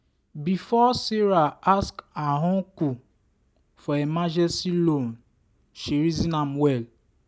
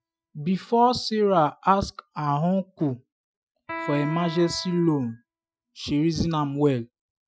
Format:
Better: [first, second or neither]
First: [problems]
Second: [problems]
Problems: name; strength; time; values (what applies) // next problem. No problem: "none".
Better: first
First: none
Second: noise reduction (classical method Wiener filter)